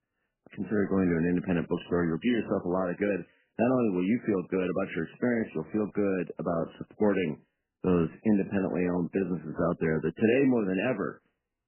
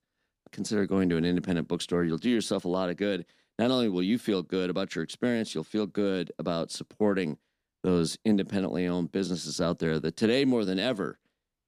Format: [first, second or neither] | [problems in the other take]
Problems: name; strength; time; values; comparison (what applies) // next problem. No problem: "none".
second | garbled, watery; badly; nothing above 3 kHz